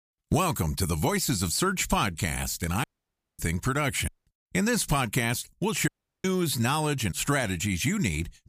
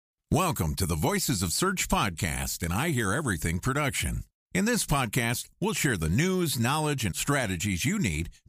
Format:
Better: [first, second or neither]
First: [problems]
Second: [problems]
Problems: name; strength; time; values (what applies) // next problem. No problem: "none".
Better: second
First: audio cutting out; at 3 s for 0.5 s, at 4 s and at 6 s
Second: none